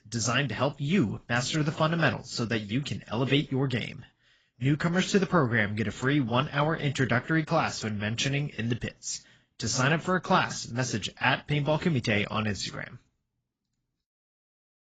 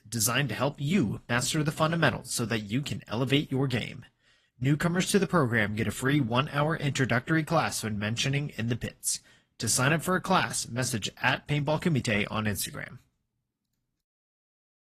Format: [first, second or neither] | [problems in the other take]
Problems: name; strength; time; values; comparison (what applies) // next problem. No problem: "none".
second | garbled, watery; badly; nothing above 7.5 kHz; slightly in the second